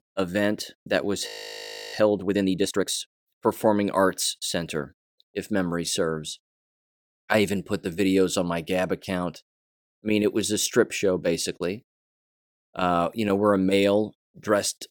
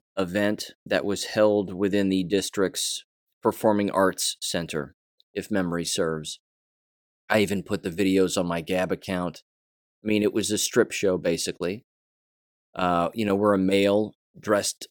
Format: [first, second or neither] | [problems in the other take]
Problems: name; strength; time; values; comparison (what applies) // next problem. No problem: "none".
second | audio freezing; at 1.5 s for 0.5 s